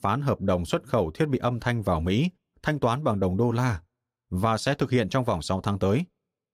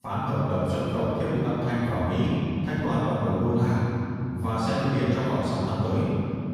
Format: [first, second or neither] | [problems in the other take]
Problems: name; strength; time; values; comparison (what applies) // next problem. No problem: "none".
first | off-mic speech; far // room echo; strong; dies away in 3 s